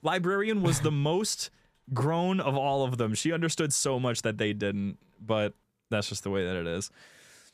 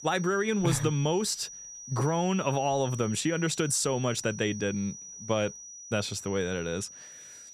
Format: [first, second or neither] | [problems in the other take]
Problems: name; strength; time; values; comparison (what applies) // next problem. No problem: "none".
first | high-pitched whine; noticeable; throughout; 6 kHz, 15 dB below the speech